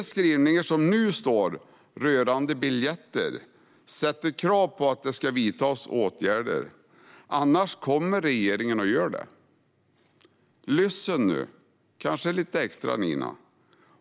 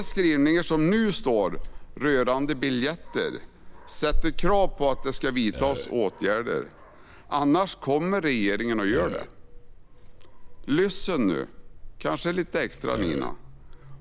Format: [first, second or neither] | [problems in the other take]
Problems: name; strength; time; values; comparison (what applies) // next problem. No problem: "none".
first | background sound (Dog + Burping, eructation); 6 dB below the speech